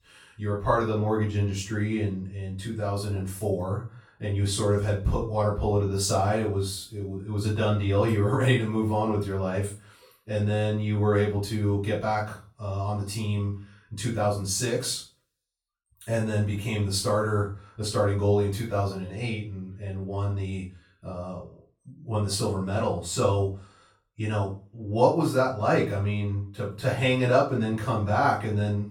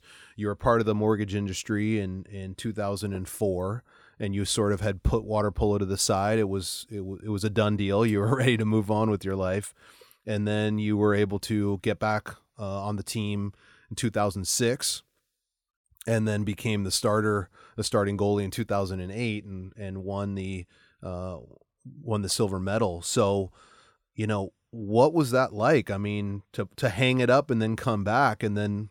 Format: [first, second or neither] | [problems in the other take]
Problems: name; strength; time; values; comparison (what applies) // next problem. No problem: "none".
second | off-mic speech; far // room echo; slight; dies away in 0.3 s